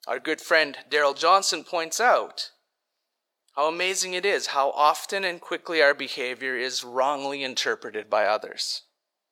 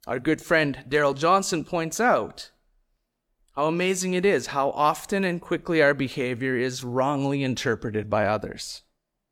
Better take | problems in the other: second | thin; very; fading below 600 Hz

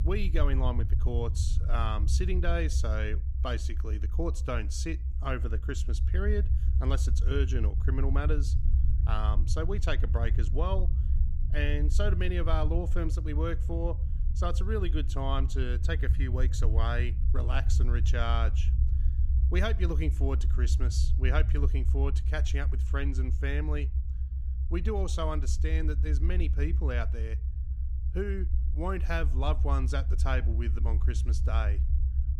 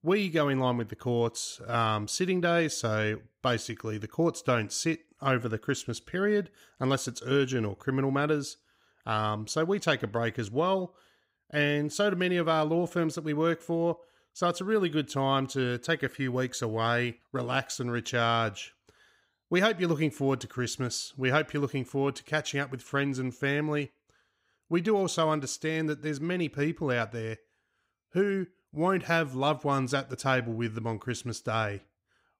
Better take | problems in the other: second | low rumble; noticeable; throughout; 10 dB below the speech

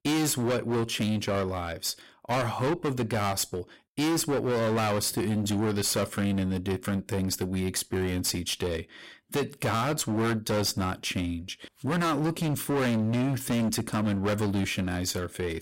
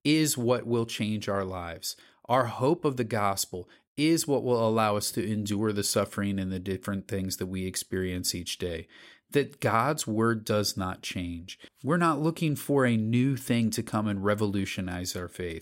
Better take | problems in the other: second | distortion; heavy; 22% of the sound clipped

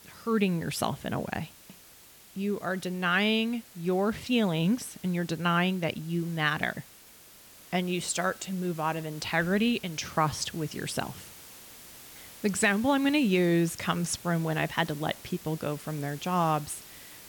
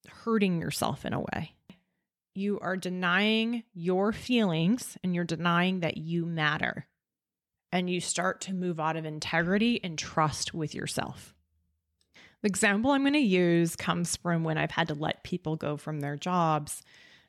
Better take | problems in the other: second | hiss; noticeable; throughout; 20 dB below the speech

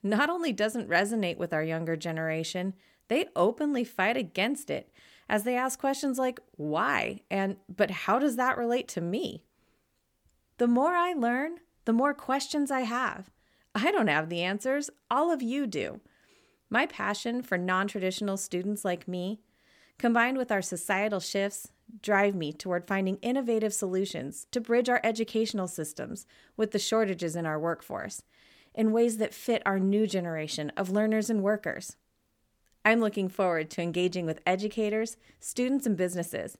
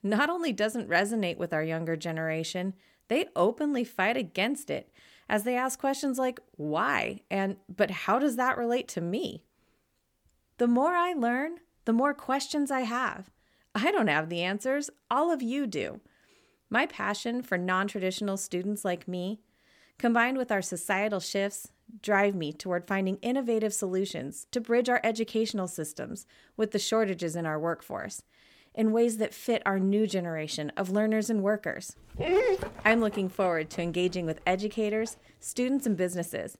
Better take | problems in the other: first | dog barking; loud; from 32 to 33 s; peak 4 dB above the speech

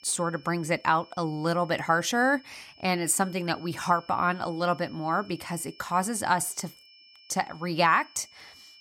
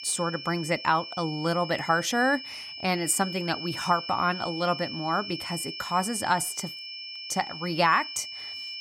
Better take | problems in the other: first | high-pitched whine; loud; throughout; 5.5 kHz, 9 dB below the speech; faint in the first

